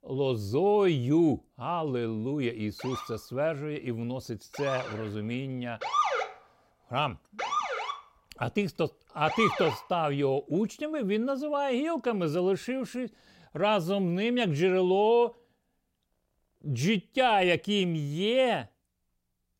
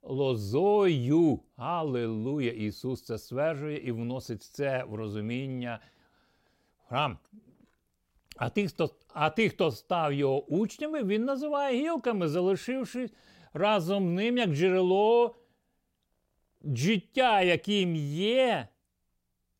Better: second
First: siren; loud; from 3 to 10 s; peak 2 dB above the speech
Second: none

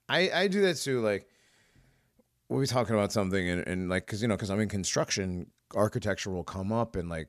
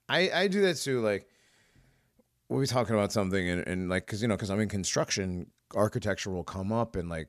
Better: neither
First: none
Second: none

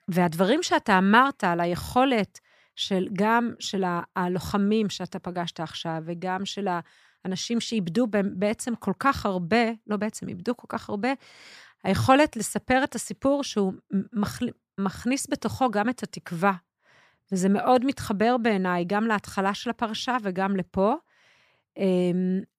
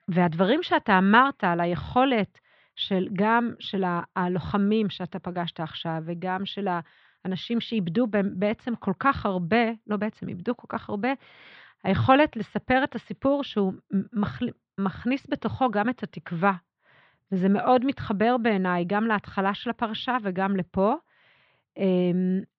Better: first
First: none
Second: muffled; slightly; fading above 3.5 kHz

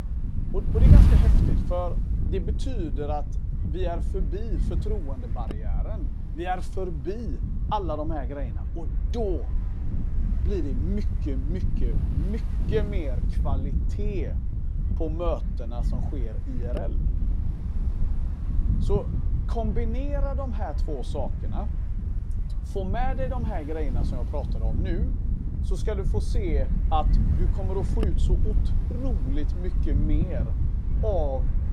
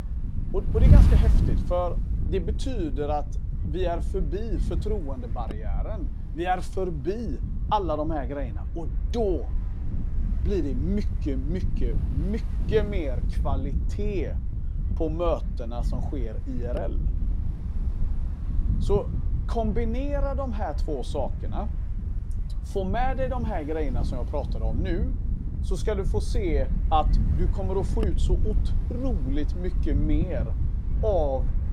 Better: second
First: wind noise on the microphone; heavy; 7 dB below the speech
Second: wind noise on the microphone; occasional gusts; 10 dB below the speech

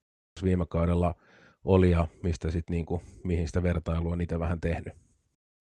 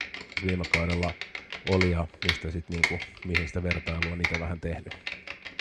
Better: first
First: none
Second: keyboard typing; loud; peak 5 dB above the speech

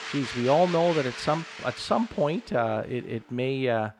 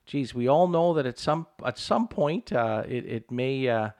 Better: second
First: household noises; noticeable; throughout; 10 dB below the speech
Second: none

